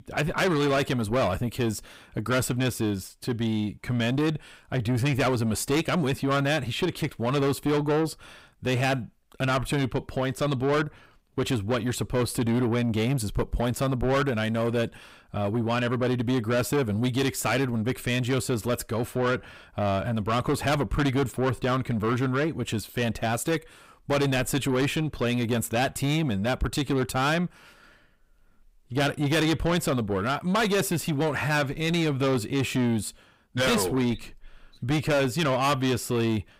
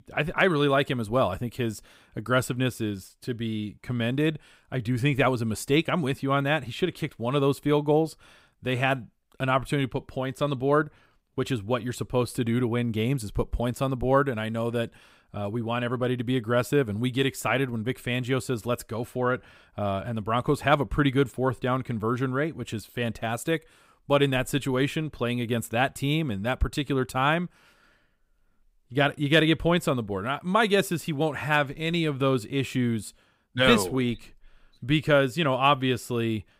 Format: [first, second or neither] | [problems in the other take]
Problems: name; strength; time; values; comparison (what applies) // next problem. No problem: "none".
second | distortion; heavy; 7 dB below the speech